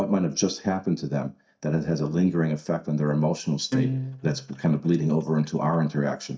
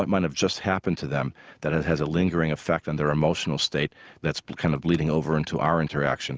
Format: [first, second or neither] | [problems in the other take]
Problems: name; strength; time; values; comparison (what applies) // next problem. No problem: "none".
second | noise reduction (neural mask model DeepFilterNet 3)